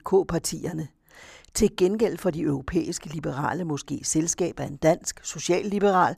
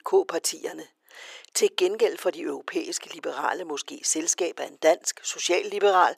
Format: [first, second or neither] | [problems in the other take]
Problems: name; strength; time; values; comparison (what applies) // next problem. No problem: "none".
first | thin; very; fading below 400 Hz